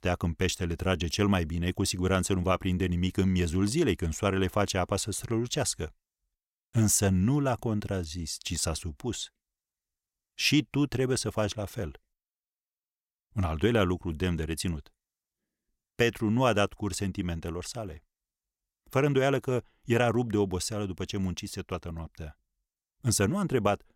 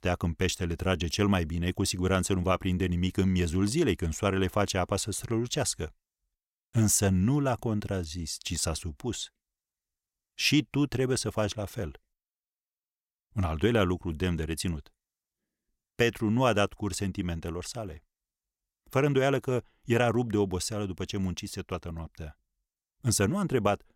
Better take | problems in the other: neither | none

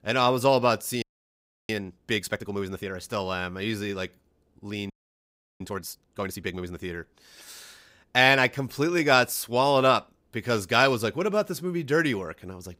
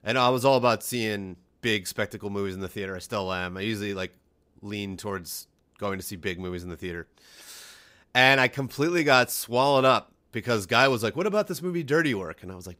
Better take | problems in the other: second | audio freezing; at 1 s for 0.5 s and at 5 s for 0.5 s

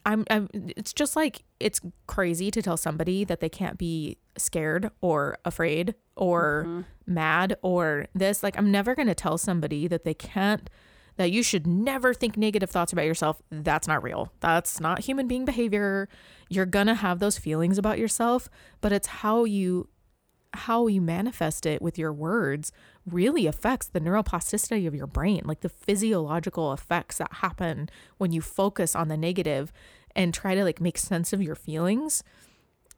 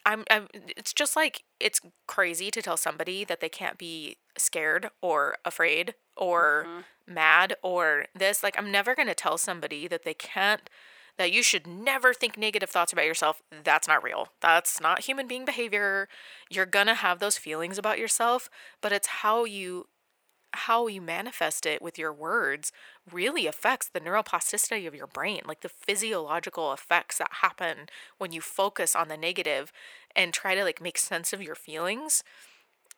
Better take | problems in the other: first | thin; very; fading below 600 Hz

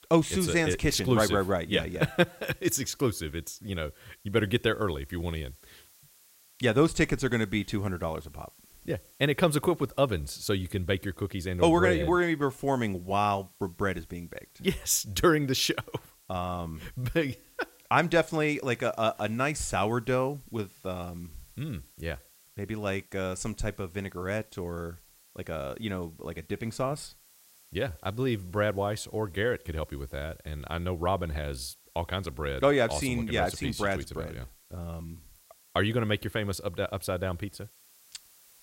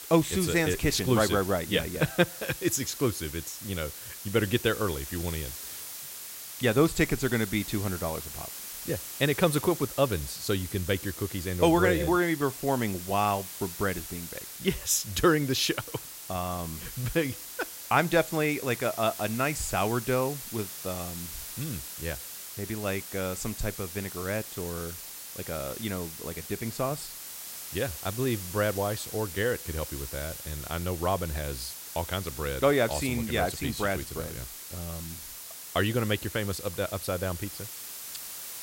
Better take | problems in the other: first | hiss; loud; throughout; 9 dB below the speech; faint in the first

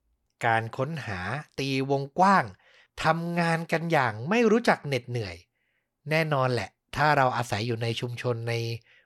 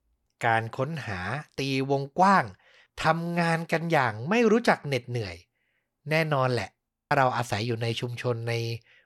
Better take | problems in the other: first | audio freezing; at 7 s

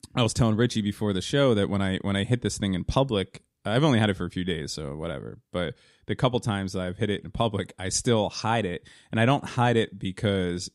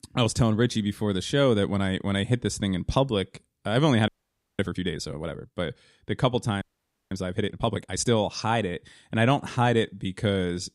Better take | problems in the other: first | audio freezing; at 4 s for 0.5 s and at 6.5 s

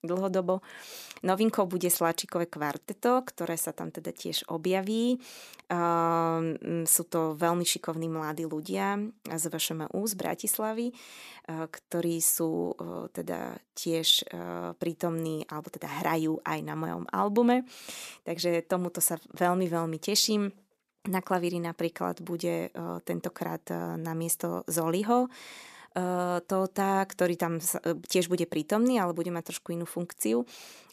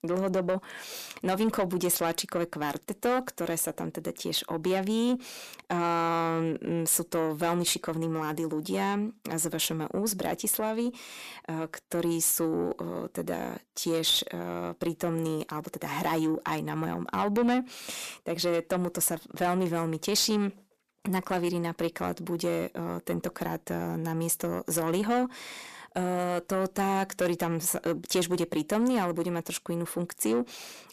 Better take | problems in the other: first | distortion; slight; 10 dB below the speech

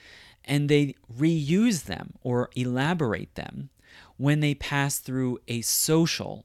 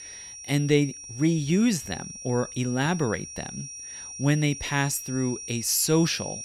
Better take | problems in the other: first | high-pitched whine; noticeable; throughout; 5.5 kHz, 10 dB below the speech

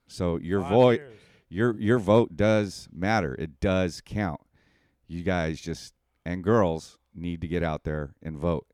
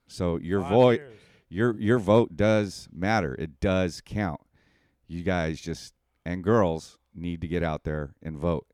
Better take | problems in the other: neither | none

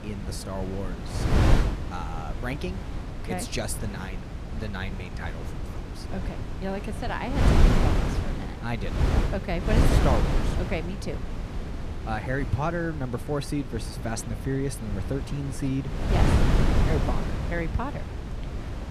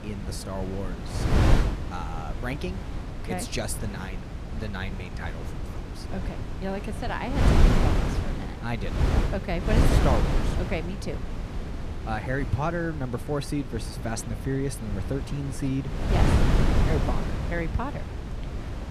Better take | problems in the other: neither | wind noise on the microphone; heavy; 1 dB below the speech; the same in both

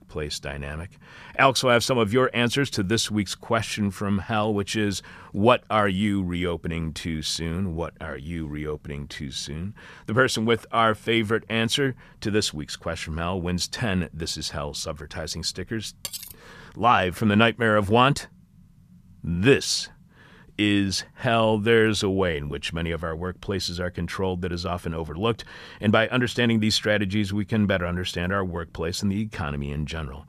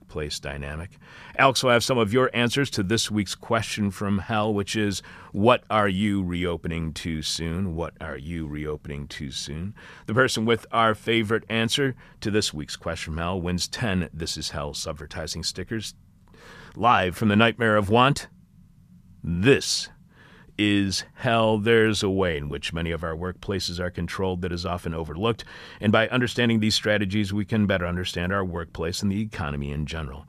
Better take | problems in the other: second | clattering dishes; noticeable; at 16 s; peak 9 dB below the speech

